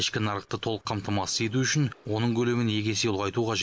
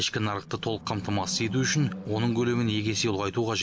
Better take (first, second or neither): first